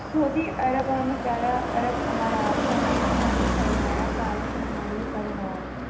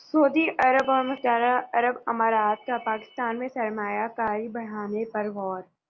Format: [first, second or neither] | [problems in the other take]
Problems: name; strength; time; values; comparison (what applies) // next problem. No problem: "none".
second | background sound (Car passing by); 2 dB above the speech // room echo; dies away in 0.8 s